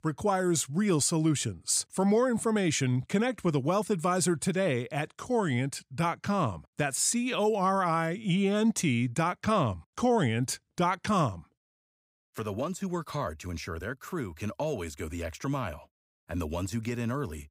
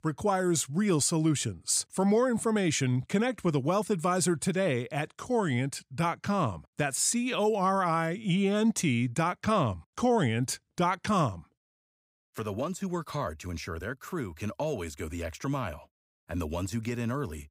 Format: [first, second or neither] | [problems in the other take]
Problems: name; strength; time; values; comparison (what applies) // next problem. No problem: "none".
neither | none